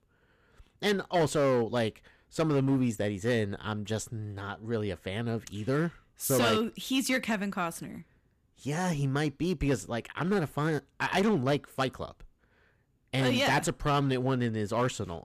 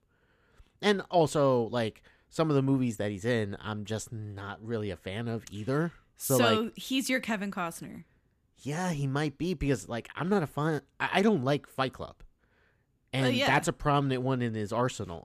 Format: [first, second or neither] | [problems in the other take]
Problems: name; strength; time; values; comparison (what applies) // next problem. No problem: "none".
second | distortion; slight; 5% of the sound clipped